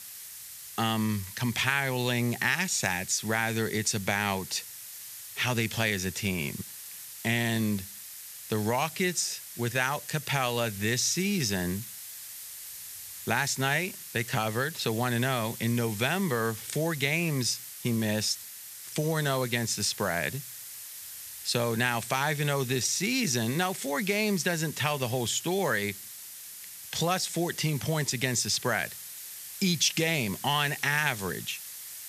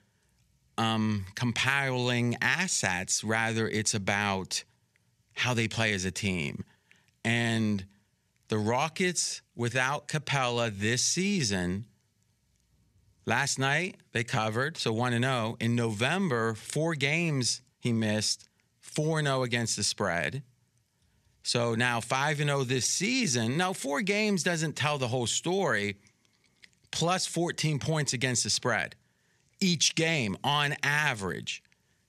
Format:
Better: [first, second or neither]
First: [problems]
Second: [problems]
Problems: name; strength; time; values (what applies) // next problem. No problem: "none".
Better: second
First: hiss; noticeable; throughout; 10 dB below the speech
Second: none